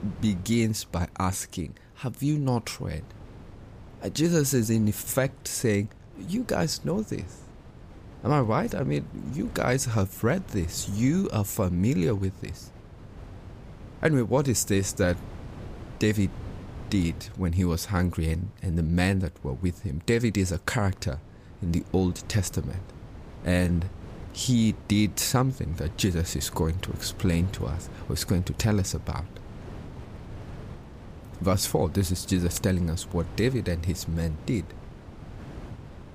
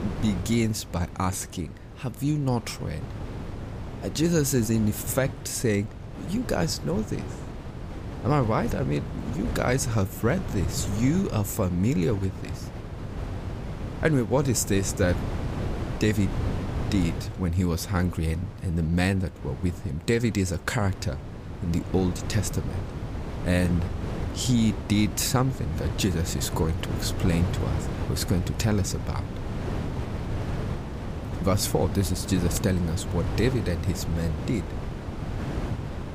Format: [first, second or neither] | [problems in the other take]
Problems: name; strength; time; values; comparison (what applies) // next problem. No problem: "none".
first | wind noise on the microphone; heavy; 9 dB below the speech; occasional gusts in the first